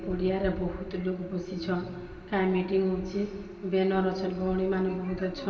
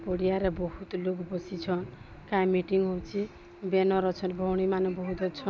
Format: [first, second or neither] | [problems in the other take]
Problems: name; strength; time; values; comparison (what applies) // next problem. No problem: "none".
second | room echo; dies away in 2.2 s